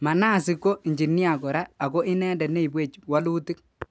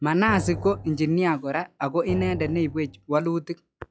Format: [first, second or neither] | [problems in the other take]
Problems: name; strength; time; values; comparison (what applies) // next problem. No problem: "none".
first | noise reduction (classical method log-MMSE)